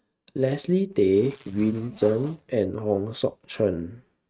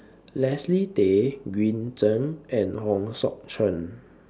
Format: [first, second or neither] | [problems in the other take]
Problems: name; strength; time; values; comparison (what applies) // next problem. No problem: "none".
second | noise reduction (neural mask model RNNoise)